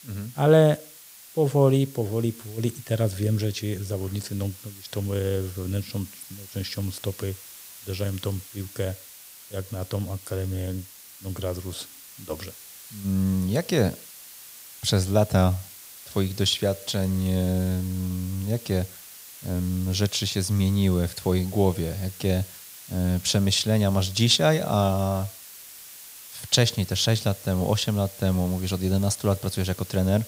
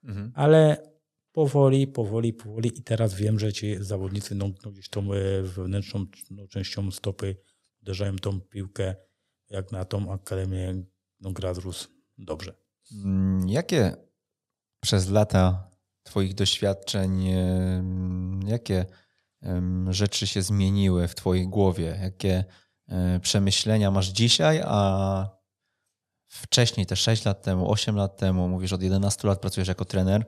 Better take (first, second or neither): second